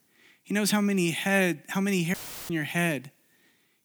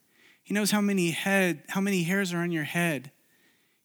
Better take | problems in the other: second | audio cutting out; filled with static; at 2 s

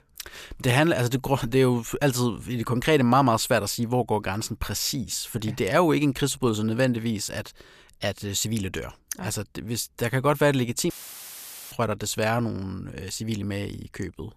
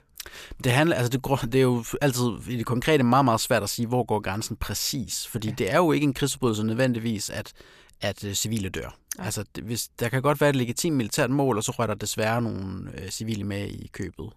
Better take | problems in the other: second | audio cutting out; filled with static; at 11 s for 1 s

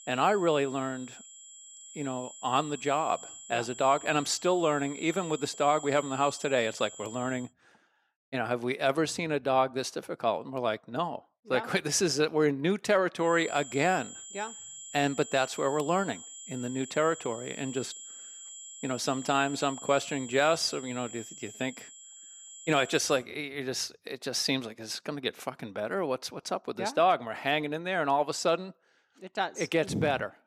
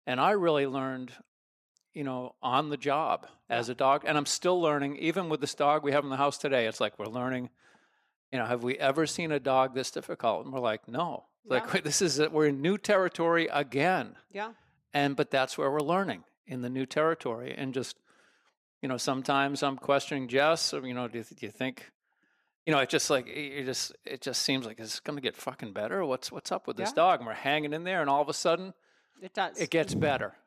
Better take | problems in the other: second | high-pitched whine; noticeable; until 7.5 s and from 13 to 23 s; 7.5 kHz, 15 dB below the speech

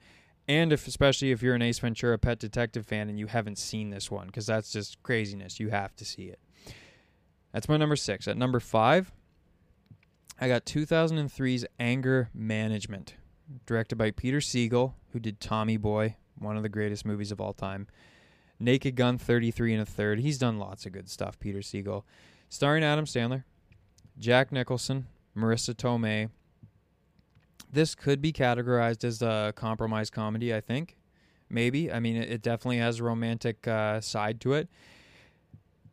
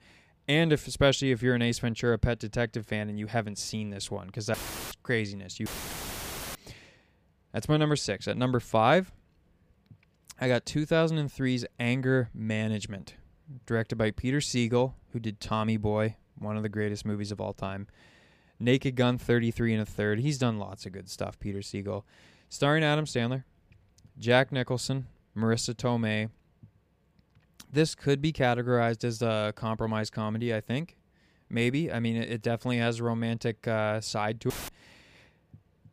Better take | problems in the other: first | audio cutting out; filled with static; at 4.5 s, at 5.5 s for 1 s and at 35 s

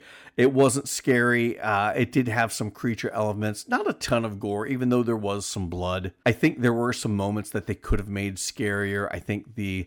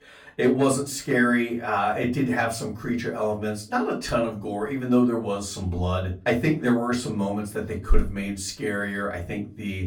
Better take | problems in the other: first | off-mic speech; far // room echo; very slight; dies away in 0.3 s

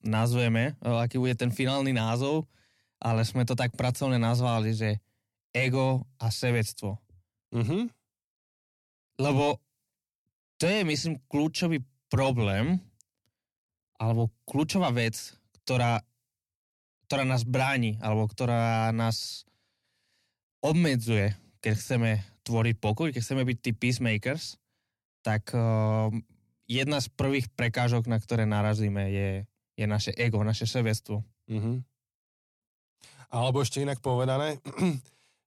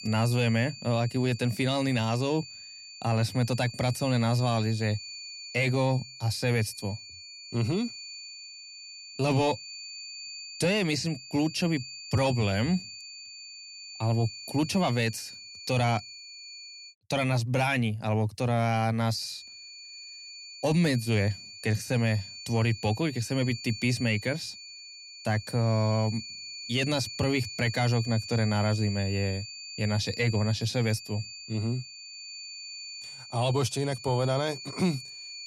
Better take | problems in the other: first | high-pitched whine; noticeable; until 17 s and from 19 s on; 4.5 kHz, 10 dB below the speech

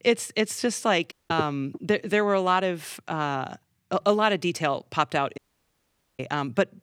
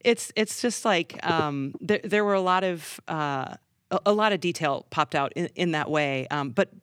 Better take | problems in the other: second | audio cutting out; at 1 s and at 5.5 s for 1 s

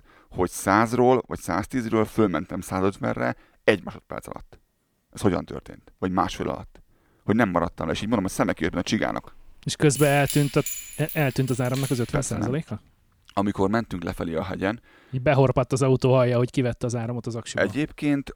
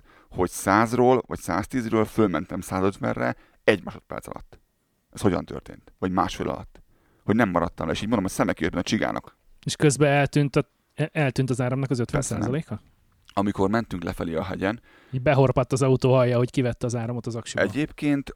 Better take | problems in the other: second | jangling keys; noticeable; from 8.5 to 12 s; peak 6 dB below the speech

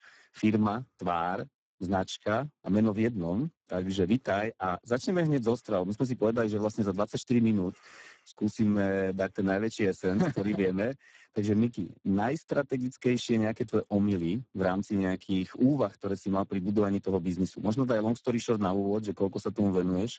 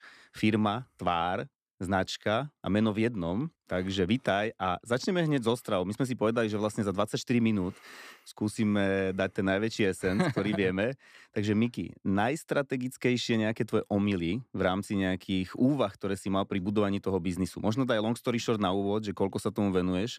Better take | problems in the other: second | garbled, watery; badly; nothing above 7.5 kHz

